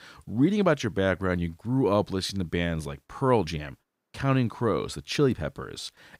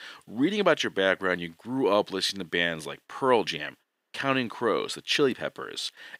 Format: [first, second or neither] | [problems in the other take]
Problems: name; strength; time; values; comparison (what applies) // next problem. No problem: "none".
first | thin; somewhat; fading below 300 Hz